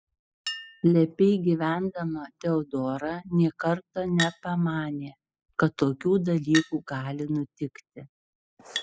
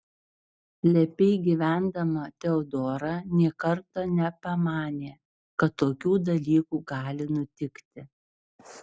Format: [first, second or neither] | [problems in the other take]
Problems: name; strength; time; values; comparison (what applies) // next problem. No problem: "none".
second | noise reduction (classical method spectral subtraction)